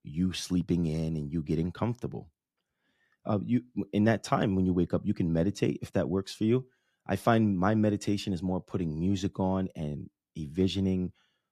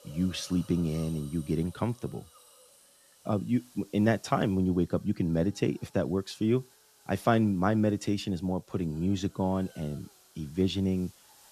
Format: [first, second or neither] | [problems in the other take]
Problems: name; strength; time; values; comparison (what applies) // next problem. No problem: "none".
first | hiss; faint; throughout; 25 dB below the speech